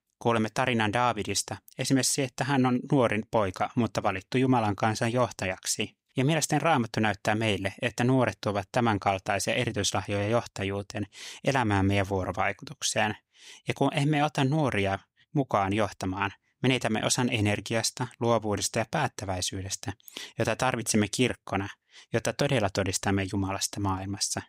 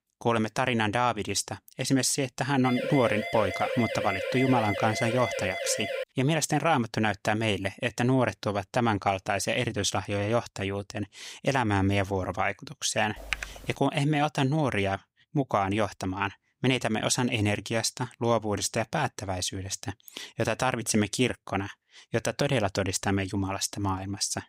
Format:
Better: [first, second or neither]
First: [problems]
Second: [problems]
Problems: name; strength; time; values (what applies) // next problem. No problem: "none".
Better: first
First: none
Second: siren; noticeable; from 2.5 to 6 s; peak 4 dB below the speech // keyboard typing; noticeable; at 13 s; peak 6 dB below the speech